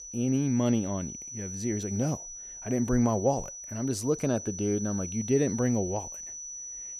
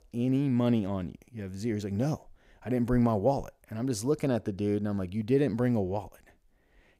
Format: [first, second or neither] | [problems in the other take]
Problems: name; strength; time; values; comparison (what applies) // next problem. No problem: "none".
second | high-pitched whine; loud; throughout; 6 kHz, 9 dB below the speech